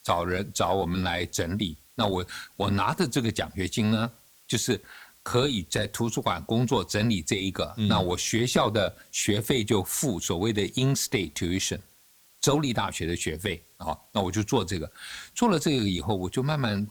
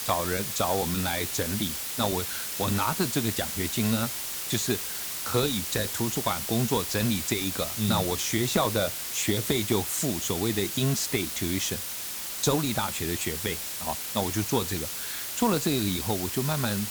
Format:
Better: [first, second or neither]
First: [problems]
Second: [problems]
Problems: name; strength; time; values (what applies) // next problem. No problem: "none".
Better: first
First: hiss; faint; throughout; 30 dB below the speech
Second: hiss; loud; throughout; 2 dB below the speech